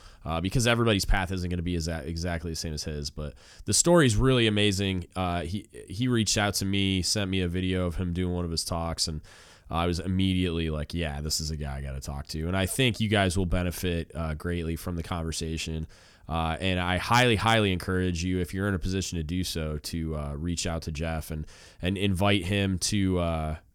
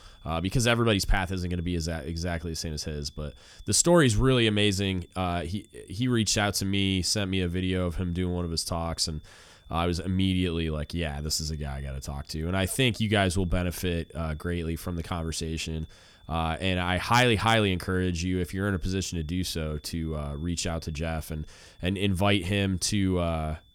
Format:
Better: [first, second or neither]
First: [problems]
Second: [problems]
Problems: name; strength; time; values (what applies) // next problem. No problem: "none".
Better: first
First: none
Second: high-pitched whine; faint; throughout; 3.5 kHz, 35 dB below the speech